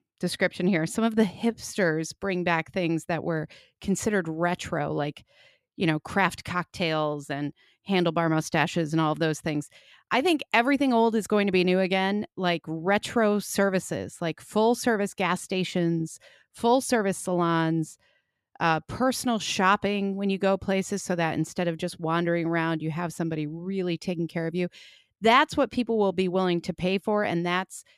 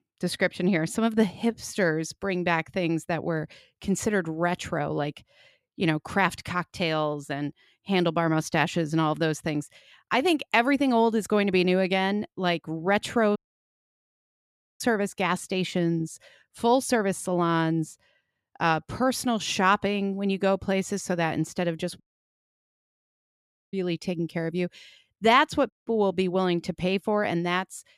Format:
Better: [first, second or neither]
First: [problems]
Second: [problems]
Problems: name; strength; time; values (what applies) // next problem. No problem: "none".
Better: first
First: none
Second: audio cutting out; at 13 s for 1.5 s, at 22 s for 1.5 s and at 26 s